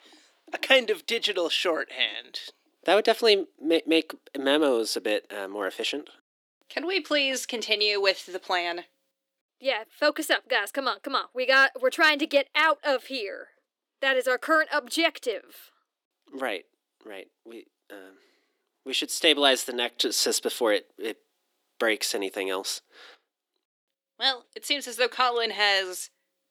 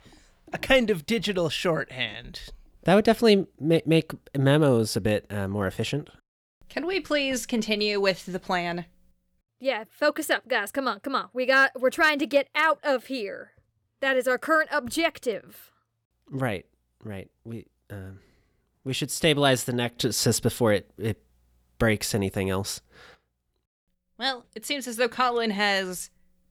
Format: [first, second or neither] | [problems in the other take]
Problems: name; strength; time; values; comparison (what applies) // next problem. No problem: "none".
second | thin; somewhat; fading below 300 Hz